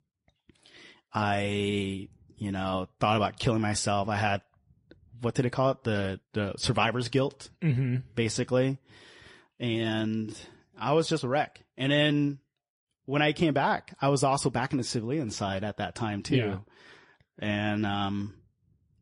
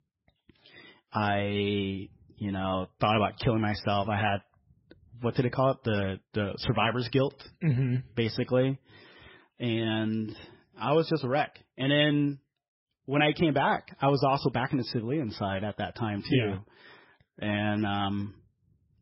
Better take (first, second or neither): first